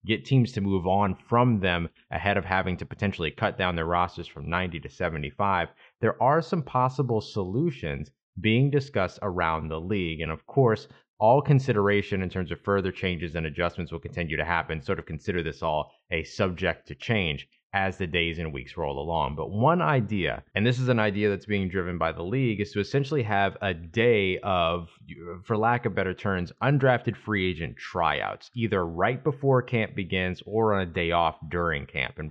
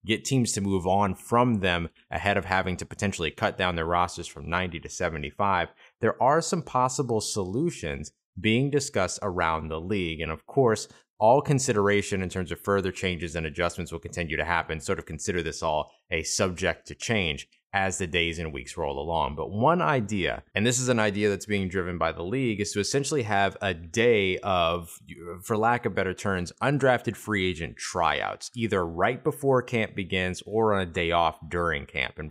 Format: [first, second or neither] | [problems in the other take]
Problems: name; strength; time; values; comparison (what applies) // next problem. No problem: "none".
second | muffled; slightly; fading above 4 kHz